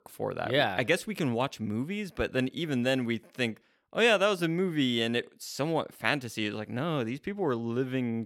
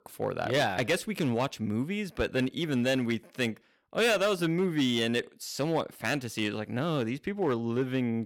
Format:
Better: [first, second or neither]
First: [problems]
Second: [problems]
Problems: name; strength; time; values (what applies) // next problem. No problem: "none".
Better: first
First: none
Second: distortion; slight; 5% of the sound clipped